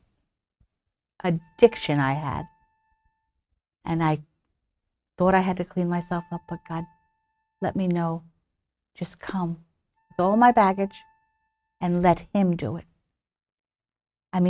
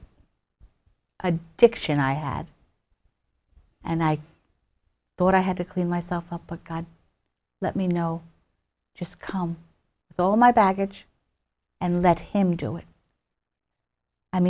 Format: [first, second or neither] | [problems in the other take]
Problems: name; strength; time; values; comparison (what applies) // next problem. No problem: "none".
second | noise reduction (neural mask model RNNoise)